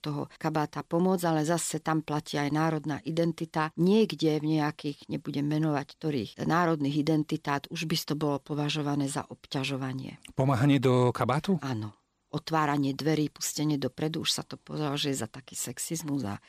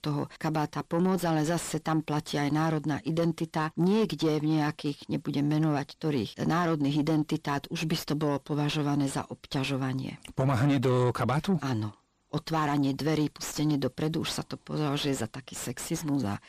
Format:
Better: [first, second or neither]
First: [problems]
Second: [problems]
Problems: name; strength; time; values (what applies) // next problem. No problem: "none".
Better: first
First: none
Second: distortion; slight; 10 dB below the speech